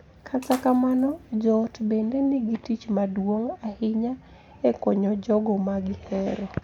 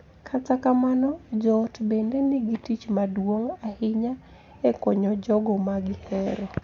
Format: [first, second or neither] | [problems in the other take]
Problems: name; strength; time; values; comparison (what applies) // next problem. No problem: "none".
second | background sound (Splash, splatter); 19 dB below the speech